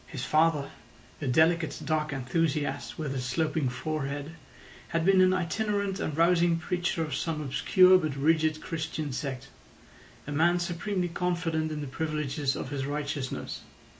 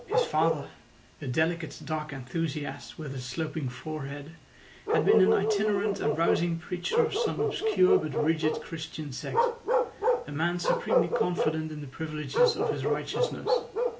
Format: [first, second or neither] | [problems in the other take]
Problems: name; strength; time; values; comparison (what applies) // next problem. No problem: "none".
first | background sound (Bark); 1 dB above the speech